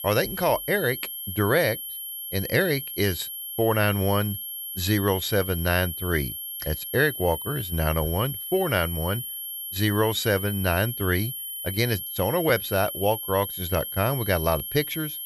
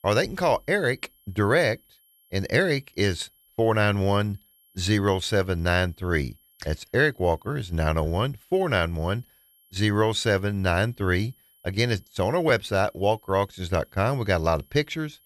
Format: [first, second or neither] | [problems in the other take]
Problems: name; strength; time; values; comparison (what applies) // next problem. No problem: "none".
second | high-pitched whine; loud; throughout; 11.5 kHz, 6 dB below the speech; faint in the second